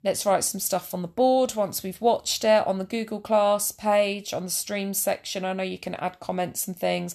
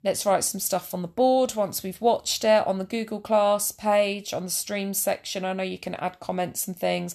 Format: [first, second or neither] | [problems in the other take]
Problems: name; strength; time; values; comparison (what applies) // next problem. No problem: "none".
neither | none